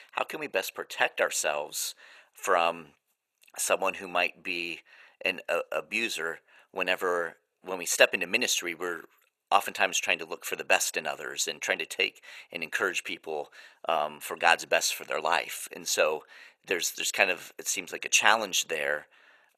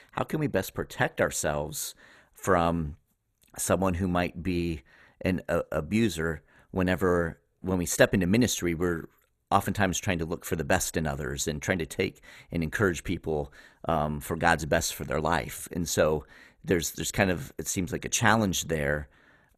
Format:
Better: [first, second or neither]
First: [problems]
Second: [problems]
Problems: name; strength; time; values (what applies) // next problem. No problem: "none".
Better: second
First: thin; very; fading below 600 Hz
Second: none